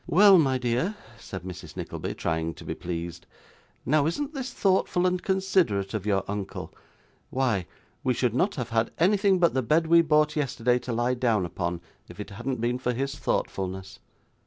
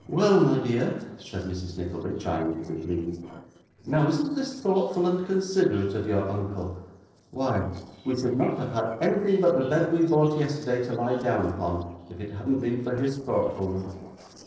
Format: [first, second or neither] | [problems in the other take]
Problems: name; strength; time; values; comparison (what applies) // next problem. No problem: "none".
first | noise reduction (neural separator model SepFormer DNS4)